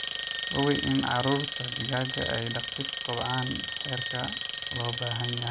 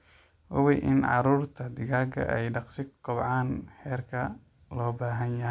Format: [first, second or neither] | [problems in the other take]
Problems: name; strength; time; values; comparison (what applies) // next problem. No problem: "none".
second | background sound (Alarm); 2 dB below the speech